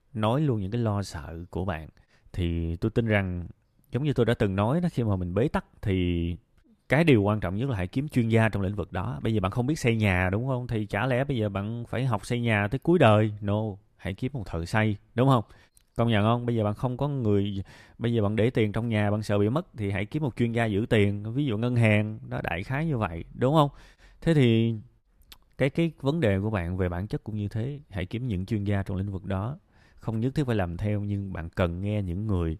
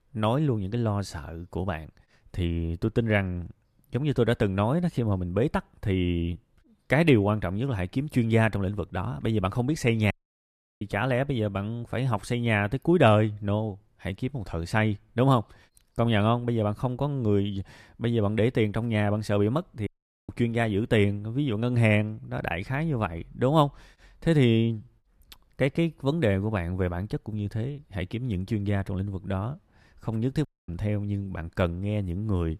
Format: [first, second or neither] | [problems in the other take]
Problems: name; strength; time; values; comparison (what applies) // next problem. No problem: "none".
first | audio cutting out; at 10 s for 0.5 s, at 20 s and at 30 s